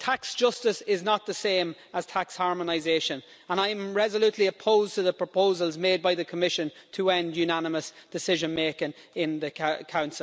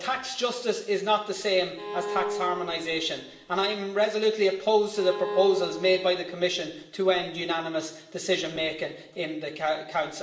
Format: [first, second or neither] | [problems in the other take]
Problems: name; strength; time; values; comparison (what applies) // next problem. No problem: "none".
first | background sound (Bowed string instrument); 9 dB below the speech // room echo; dies away in 0.8 s